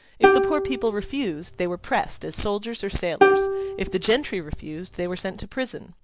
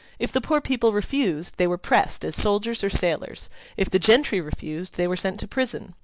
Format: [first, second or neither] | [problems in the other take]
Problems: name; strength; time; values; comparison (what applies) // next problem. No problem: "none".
second | background sound (Plucked string instrument); 3 dB above the speech